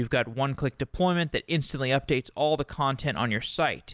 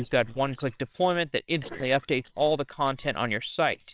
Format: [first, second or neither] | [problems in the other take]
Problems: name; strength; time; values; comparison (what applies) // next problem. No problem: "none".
first | noise reduction (neural separator model SepFormer WHAMR!)